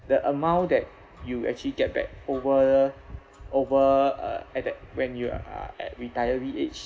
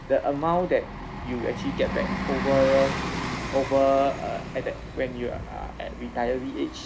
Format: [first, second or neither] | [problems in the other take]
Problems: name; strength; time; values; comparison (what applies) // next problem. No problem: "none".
first | background sound (Bus); 7 dB below the speech